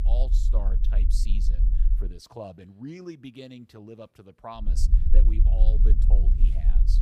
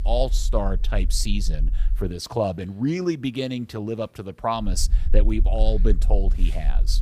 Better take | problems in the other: second | low rumble; loud; until 2 s and from 4.5 s on; 5 dB below the speech; faint in the second

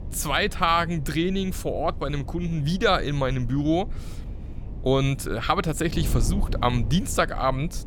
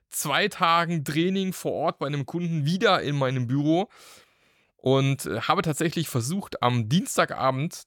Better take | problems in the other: second | wind noise on the microphone; occasional gusts; 20 dB below the speech

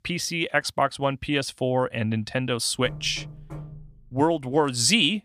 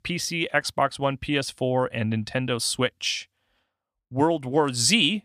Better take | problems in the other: second | door banging; faint; from 3 to 4.5 s; peak 15 dB below the speech

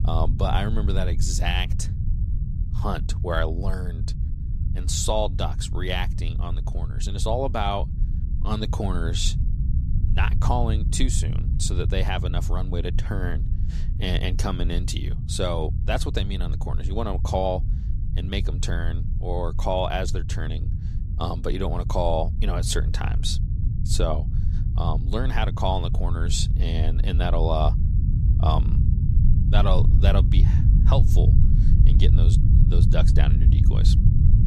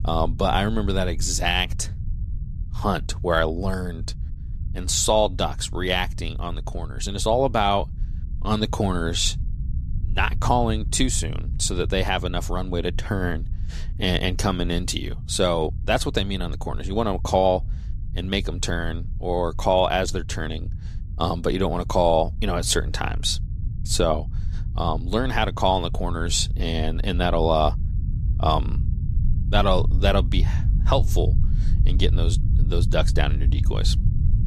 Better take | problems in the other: second | low rumble; loud; throughout; 10 dB below the speech; faint in the second

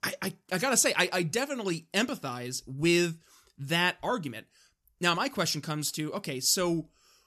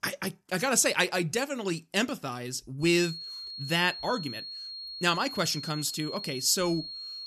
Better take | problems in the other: first | high-pitched whine; loud; from 3 s on; 4.5 kHz, 9 dB below the speech

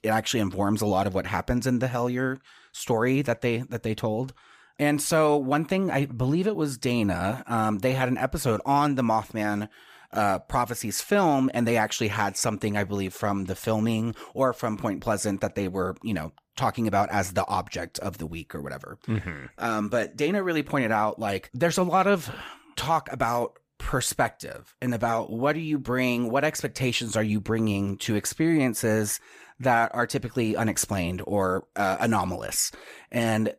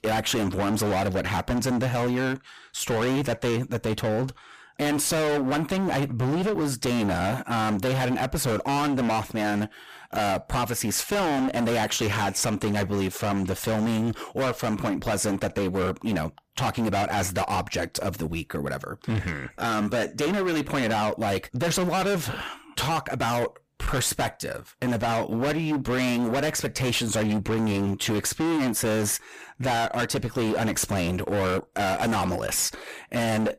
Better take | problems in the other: first | distortion; heavy; 30% of the sound clipped

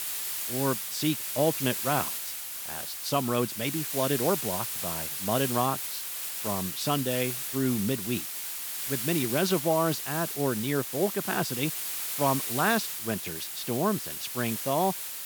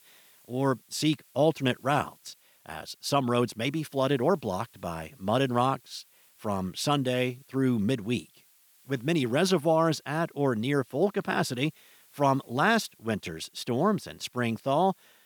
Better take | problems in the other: second | hiss; loud; throughout; 2 dB below the speech; faint in the second

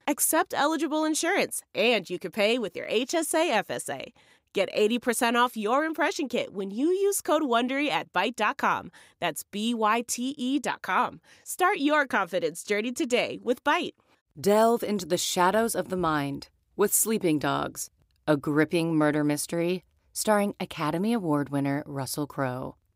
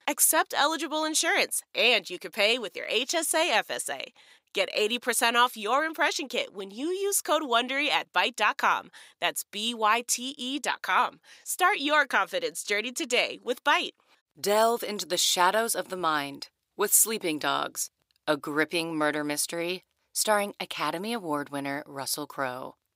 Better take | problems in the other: first | thin; somewhat; fading below 900 Hz

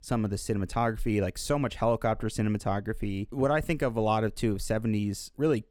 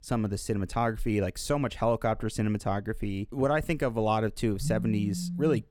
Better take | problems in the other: first | phone ringing; noticeable; from 4.5 s on; peak 4 dB below the speech

